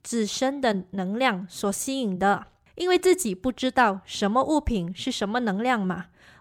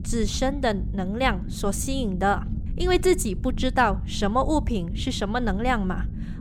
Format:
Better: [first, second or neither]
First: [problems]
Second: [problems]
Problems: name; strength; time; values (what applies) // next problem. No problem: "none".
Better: first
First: none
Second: low rumble; noticeable; throughout; 20 dB below the speech